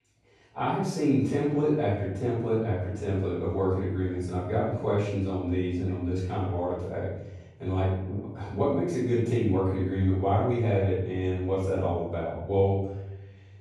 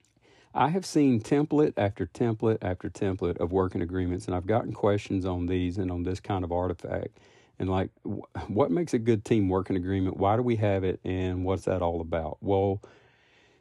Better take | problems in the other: second | off-mic speech; far // room echo; strong; dies away in 0.8 s

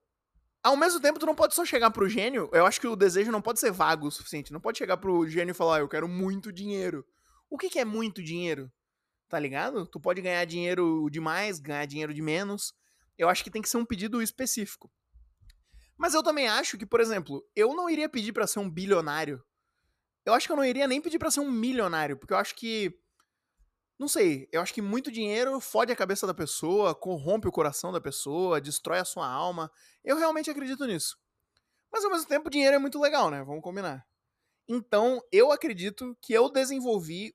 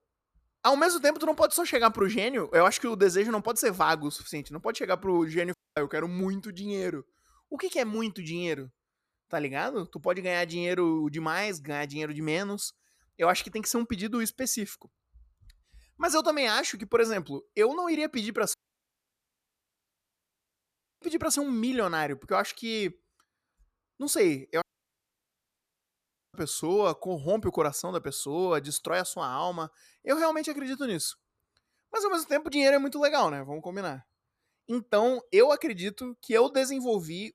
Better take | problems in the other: first | audio cutting out; at 5.5 s, at 19 s for 2.5 s and at 25 s for 1.5 s

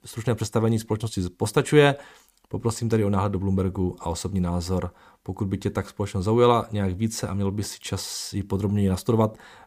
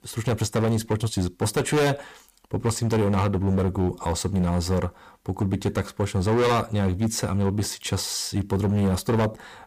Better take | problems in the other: first | distortion; heavy; 14% of the sound clipped

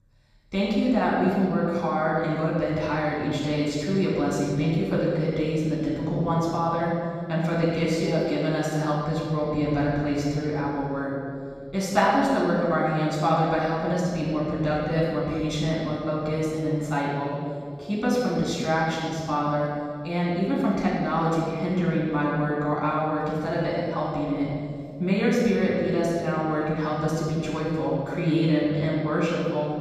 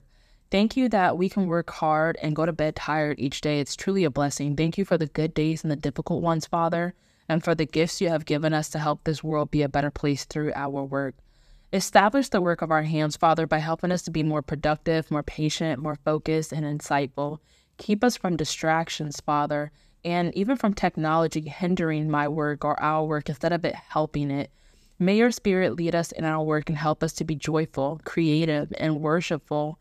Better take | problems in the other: second | room echo; strong; dies away in 2.4 s // off-mic speech; far

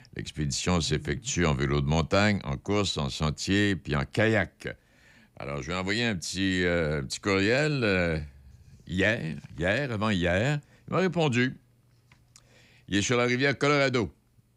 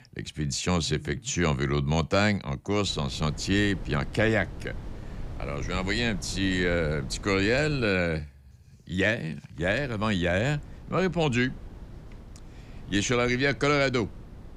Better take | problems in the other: first | wind noise on the microphone; occasional gusts; from 3 to 8 s and from 9.5 s on; 20 dB below the speech

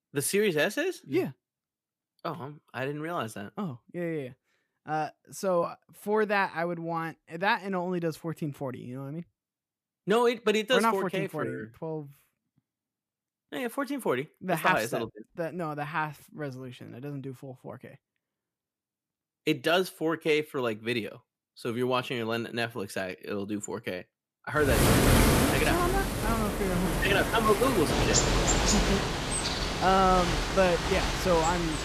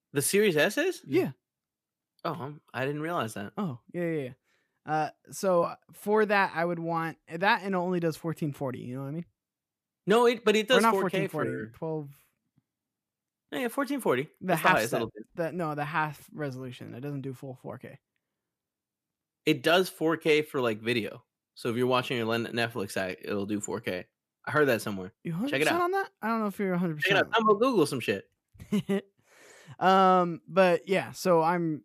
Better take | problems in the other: second | rain or running water; very loud; from 25 s on; 2 dB above the speech

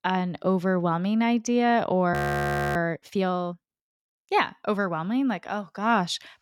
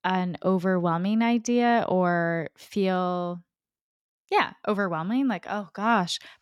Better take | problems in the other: second | audio freezing; at 2 s for 0.5 s

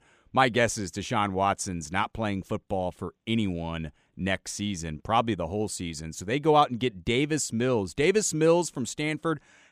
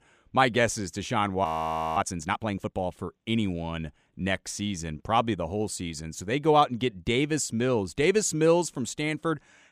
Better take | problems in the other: first | audio freezing; at 1.5 s for 0.5 s

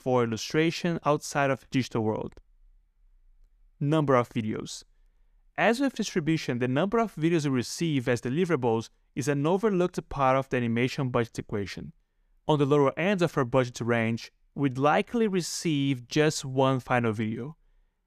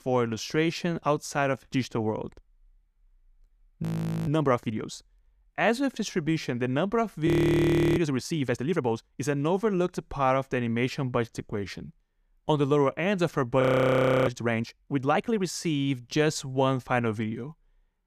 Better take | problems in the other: first | audio freezing; at 4 s, at 7.5 s for 0.5 s and at 14 s for 0.5 s

